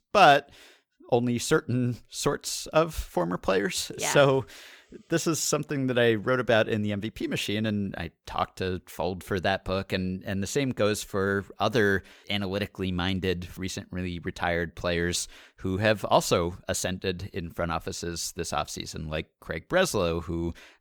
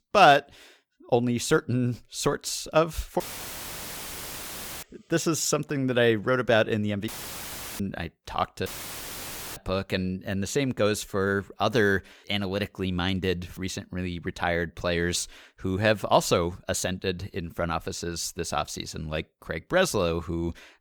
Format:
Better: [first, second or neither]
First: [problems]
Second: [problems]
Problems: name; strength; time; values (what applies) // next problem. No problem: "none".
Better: first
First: none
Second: audio cutting out; filled with static; at 3 s for 1.5 s, at 7 s for 0.5 s and at 8.5 s for 1 s